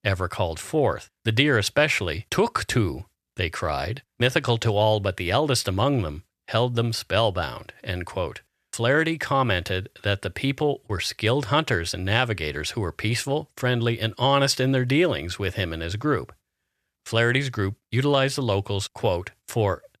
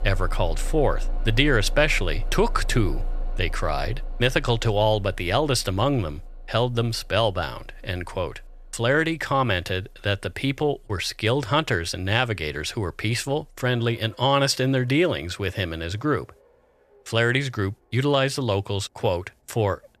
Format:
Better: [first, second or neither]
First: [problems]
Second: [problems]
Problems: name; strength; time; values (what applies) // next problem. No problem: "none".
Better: first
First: none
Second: traffic noise; noticeable; throughout; 10 dB below the speech